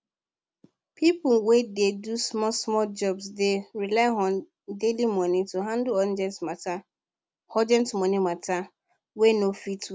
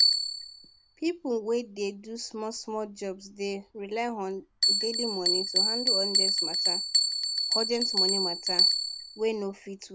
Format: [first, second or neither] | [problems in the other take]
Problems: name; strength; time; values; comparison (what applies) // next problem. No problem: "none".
first | background sound (Bell); 5 dB above the speech